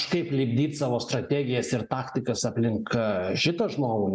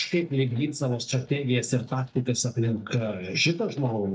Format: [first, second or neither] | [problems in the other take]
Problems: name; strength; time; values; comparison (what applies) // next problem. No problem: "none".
first | noise reduction (neural mask model DeepFilterNet 3)